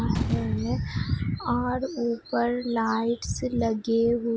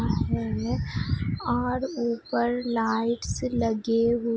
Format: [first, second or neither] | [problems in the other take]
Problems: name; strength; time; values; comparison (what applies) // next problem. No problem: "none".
second | background sound (Slam); 14 dB below the speech